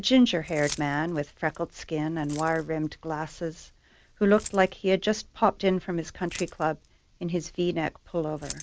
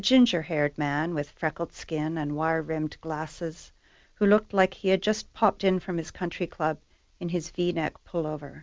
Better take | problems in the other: second | background sound (Keys jangling); 20 dB below the speech

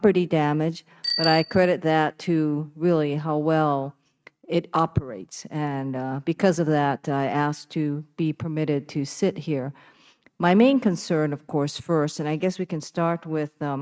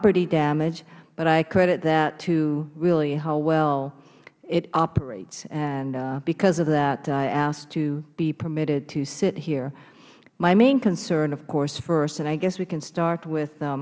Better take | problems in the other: second | noise reduction (neural mask model RNNoise)

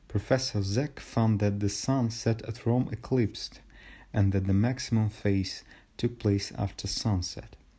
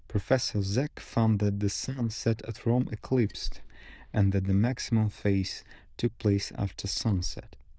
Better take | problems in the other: first | noise reduction (neural diffusion model UNIVERSE++)

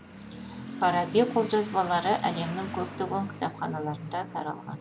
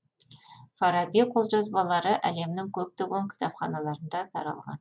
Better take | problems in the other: second | background sound (Motorcycle / Accelerating, revving, vroom); 11 dB below the speech

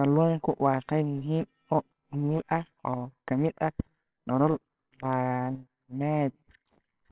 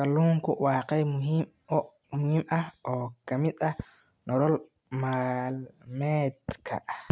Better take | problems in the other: second | noise reduction (neural separator model SepFormer WHAMR!)

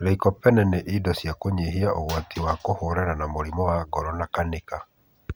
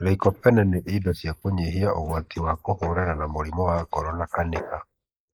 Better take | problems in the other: first | noise reduction (neural mask model Resemble Enhance denoiser)

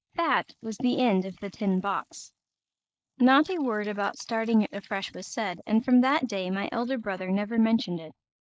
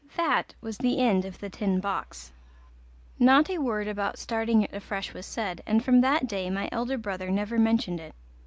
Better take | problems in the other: second | noise reduction (neural mask model Resemble Enhance denoiser)

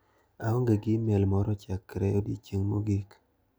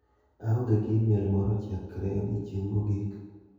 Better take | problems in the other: first | room echo; dies away in 1.2 s

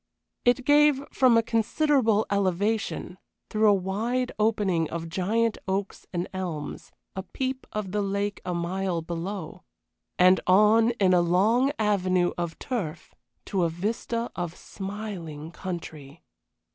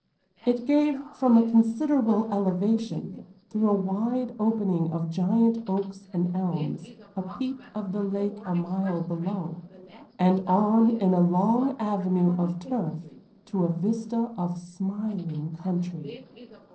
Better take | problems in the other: first | noise reduction (neural separator model SepFormer DNS4)

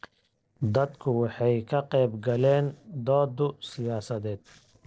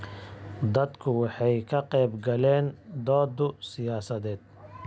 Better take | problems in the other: second | noise reduction (neural separator model SepFormer DNS4)

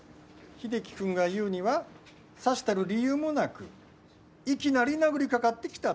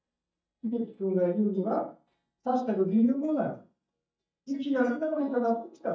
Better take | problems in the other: first | noise reduction (neural mask model DeepFilterNet 3)

